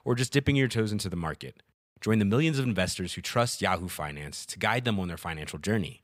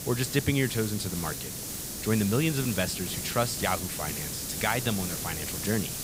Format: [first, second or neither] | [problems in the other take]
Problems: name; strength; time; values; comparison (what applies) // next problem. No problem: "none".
first | hiss; loud; throughout; 3 dB below the speech